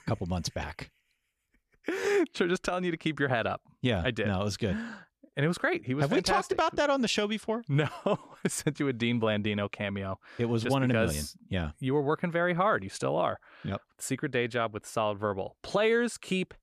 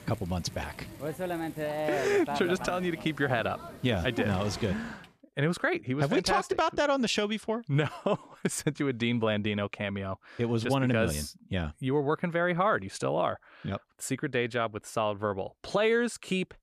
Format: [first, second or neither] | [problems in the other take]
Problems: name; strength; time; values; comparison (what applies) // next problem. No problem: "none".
first | rain or running water; loud; until 5 s; 7 dB below the speech